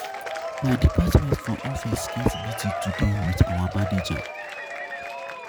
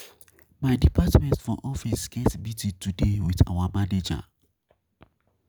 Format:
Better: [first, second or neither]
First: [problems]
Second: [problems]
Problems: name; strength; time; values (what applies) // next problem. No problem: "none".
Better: second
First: background sound (Applause / Crowd / Cheering); 8 dB below the speech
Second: none